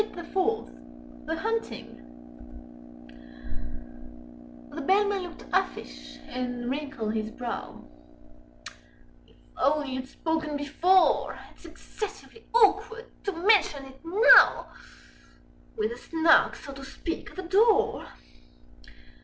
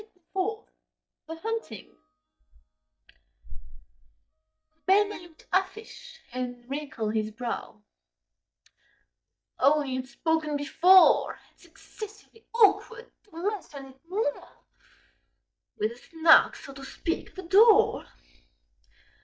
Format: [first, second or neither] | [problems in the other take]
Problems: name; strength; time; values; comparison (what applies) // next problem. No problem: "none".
first | noise reduction (neural mask model DeepFilterNet 3)